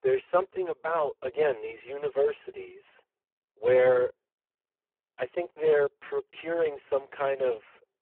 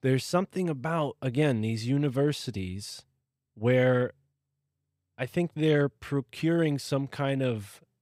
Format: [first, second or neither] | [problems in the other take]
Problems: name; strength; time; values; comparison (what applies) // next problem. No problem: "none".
second | phone-call audio; poor line